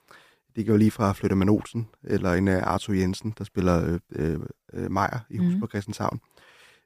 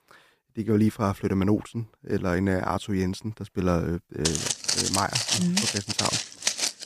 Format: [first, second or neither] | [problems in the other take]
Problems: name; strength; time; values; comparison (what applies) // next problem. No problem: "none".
first | footsteps; loud; from 4.5 s on; peak 4 dB above the speech